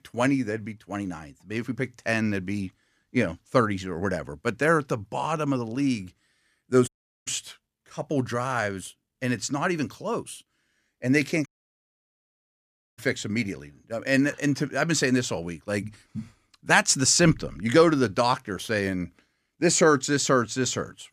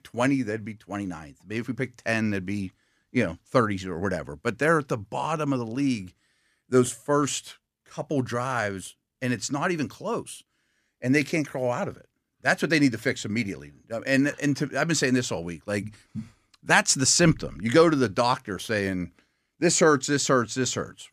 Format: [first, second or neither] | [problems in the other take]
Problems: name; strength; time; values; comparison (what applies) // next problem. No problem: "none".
second | audio cutting out; at 7 s and at 11 s for 1.5 s